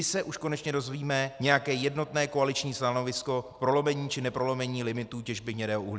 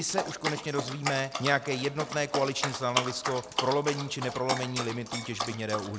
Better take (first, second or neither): first